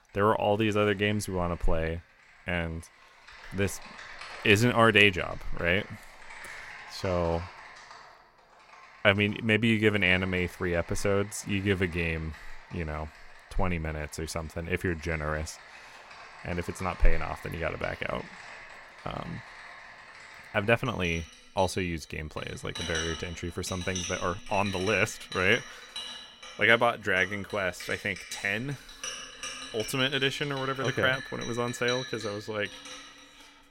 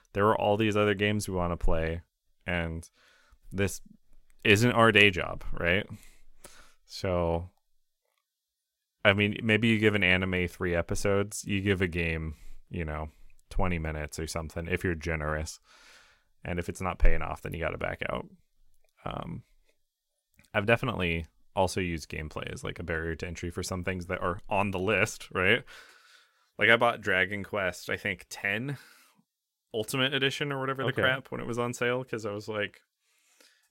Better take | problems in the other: second | household noises; noticeable; throughout; 15 dB below the speech

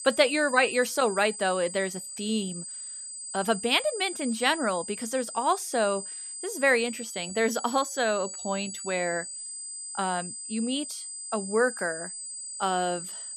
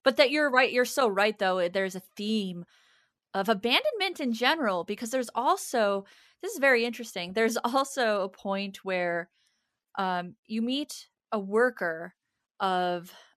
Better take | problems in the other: second | high-pitched whine; loud; throughout; 8 kHz, 8 dB below the speech

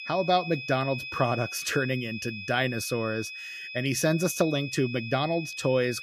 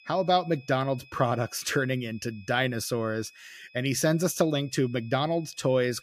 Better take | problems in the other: second | high-pitched whine; loud; throughout; 2.5 kHz, 9 dB below the speech; faint in the second

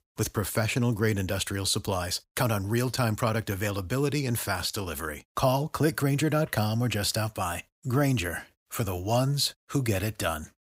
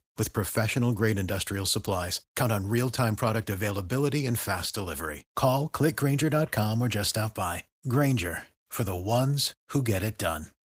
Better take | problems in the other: first | garbled, watery; slightly; nothing above 15.5 kHz

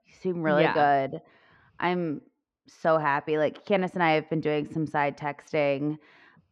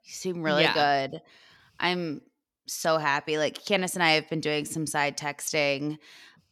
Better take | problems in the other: second | muffled; very; fading above 1.5 kHz

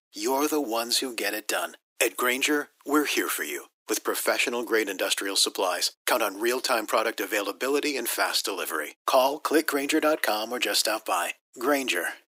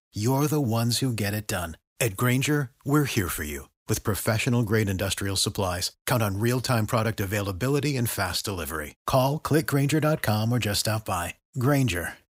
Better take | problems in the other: second | thin; somewhat; fading below 300 Hz

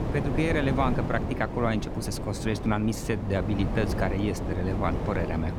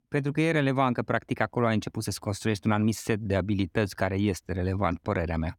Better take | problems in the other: second | wind noise on the microphone; heavy; 6 dB below the speech

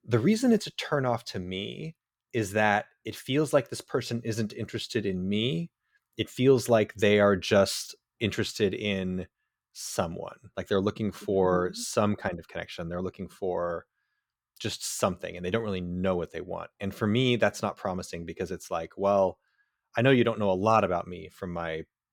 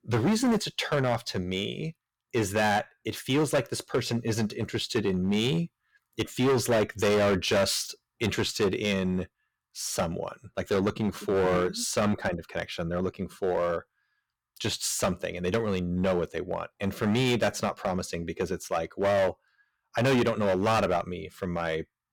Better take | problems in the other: first | distortion; heavy; 9% of the sound clipped

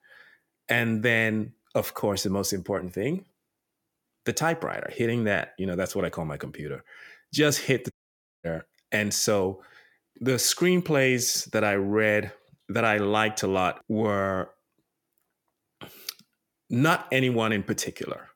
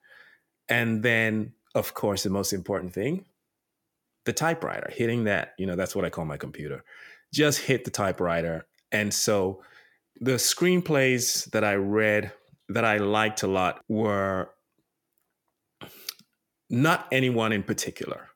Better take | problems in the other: second | audio cutting out; at 8 s for 0.5 s

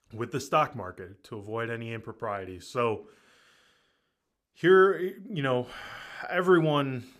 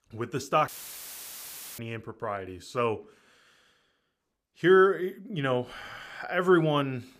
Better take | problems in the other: first | audio cutting out; filled with static; at 0.5 s for 1 s

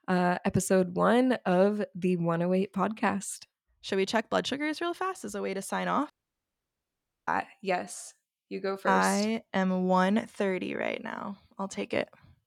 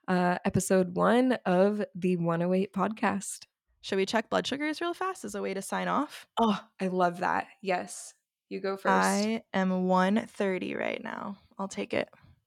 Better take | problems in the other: second | audio cutting out; at 6 s for 1 s

